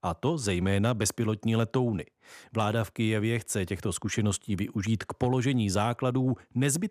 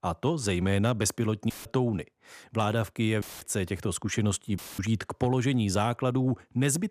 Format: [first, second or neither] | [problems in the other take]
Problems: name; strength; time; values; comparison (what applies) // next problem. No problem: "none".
first | audio cutting out; filled with static; at 1.5 s, at 3 s and at 4.5 s